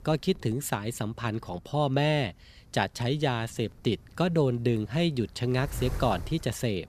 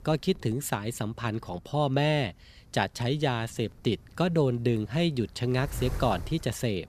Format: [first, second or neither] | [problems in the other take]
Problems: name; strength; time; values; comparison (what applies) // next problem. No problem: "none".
neither | wind noise on the microphone; occasional gusts; 20 dB below the speech; the same in both